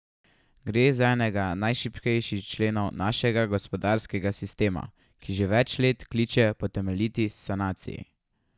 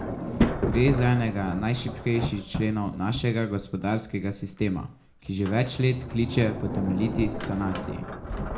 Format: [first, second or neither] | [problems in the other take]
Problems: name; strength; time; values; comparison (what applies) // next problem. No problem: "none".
first | background sound (Sliding door); 5 dB below the speech // room echo; dies away in 0.3 s